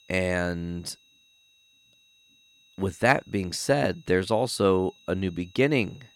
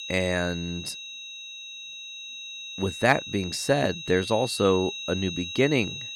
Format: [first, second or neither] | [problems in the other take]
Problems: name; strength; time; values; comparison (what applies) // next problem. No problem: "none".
first | high-pitched whine; loud; throughout; 4 kHz, 9 dB below the speech; faint in the first